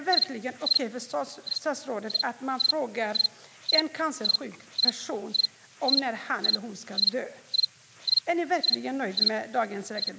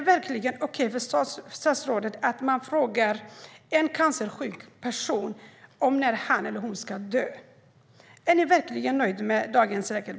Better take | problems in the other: second | background sound (Cricket); 2 dB above the speech

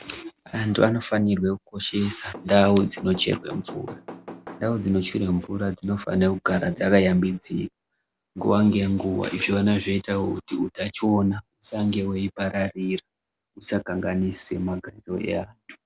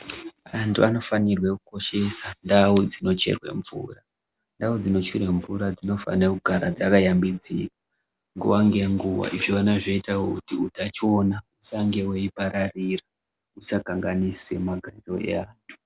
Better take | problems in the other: second | background sound (Knock / Wood); 15 dB below the speech

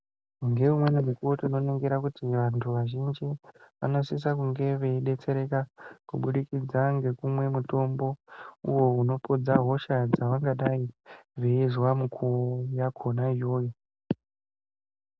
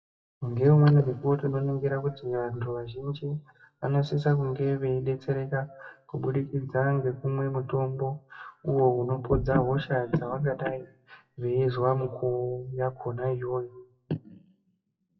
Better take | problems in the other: first | noise reduction (classical method WPE with log-MMSE)

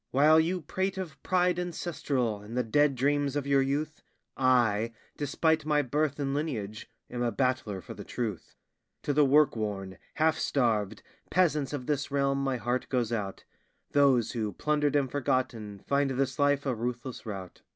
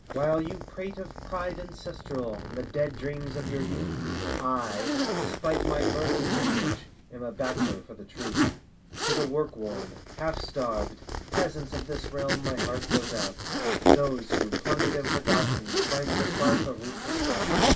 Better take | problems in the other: first | background sound (Zipper (clothing)); 3 dB above the speech // room echo; dies away in 0.1 s

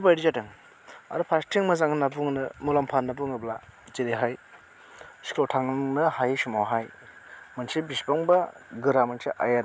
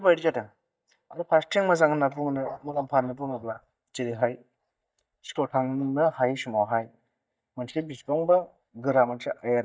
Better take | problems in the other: first | noise reduction (neural mask model DeepFilterNet 3)

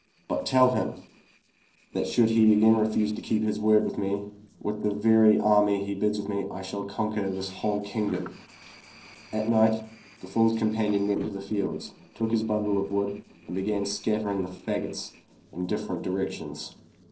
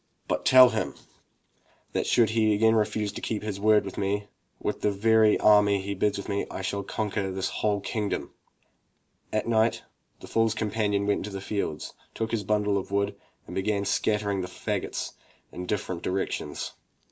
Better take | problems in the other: second | noise reduction (neural separator model SepFormer DNS4)

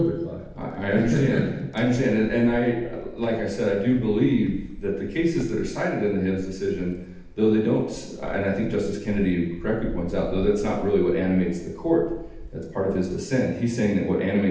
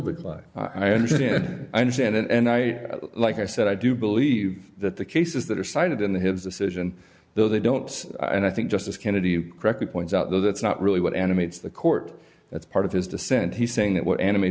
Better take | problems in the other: second | background sound (Wind); 15 dB below the speech // room echo; dies away in 0.8 s

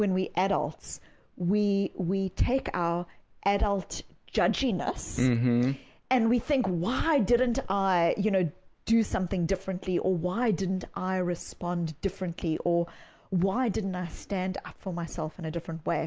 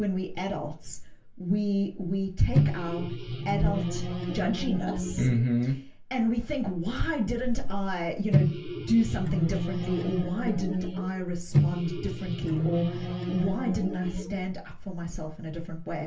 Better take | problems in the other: first | background sound (Microwave oven); as loud as the speech // room echo; dies away in 0.3 s

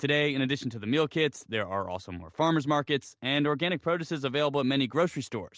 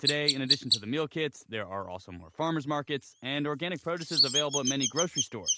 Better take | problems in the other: first | background sound (Chirp, tweet); as loud as the speech

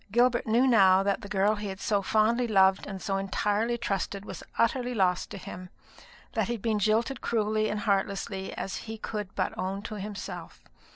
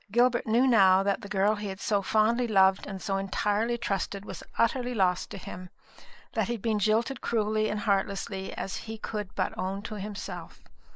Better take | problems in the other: first | noise reduction (neural mask model Resemble Enhance denoiser)

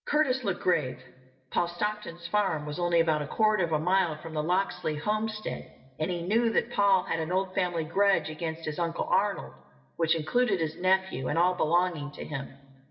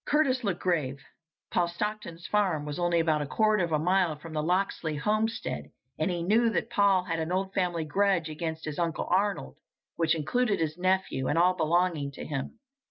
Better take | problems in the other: second | room echo; dies away in 0.9 s

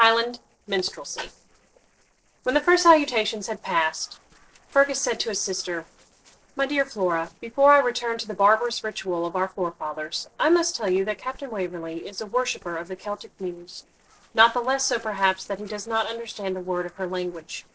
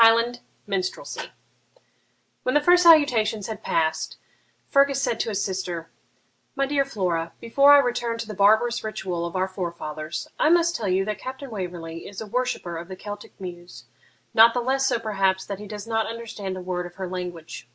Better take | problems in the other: second | noise reduction (neural separator model SepFormer DNS4)

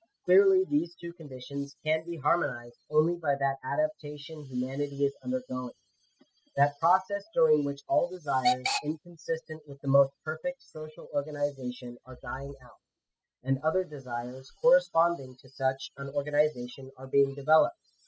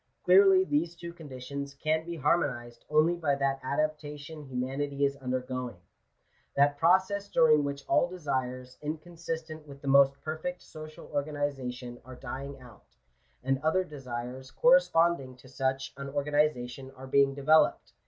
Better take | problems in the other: second | noise reduction (classical method spectral subtraction)

